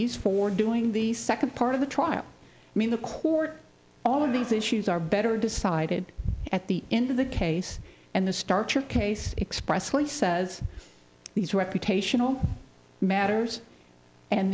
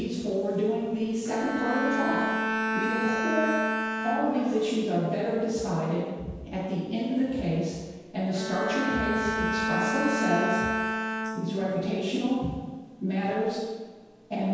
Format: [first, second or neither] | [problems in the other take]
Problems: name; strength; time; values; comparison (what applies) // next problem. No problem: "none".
first | background sound (Bowed string instrument); 3 dB below the speech // room echo; dies away in 1.2 s